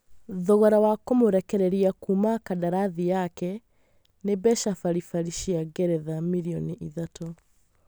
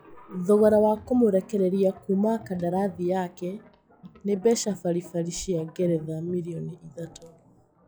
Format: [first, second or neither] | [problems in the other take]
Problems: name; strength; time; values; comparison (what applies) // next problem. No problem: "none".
first | noise reduction (classical method log-MMSE)